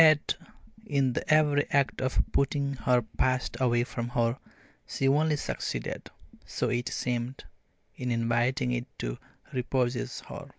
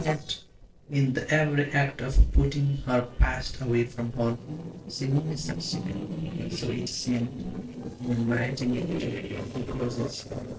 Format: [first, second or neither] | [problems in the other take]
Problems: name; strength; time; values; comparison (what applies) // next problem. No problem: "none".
first | noise reduction (neural separator model SepFormer DNS4)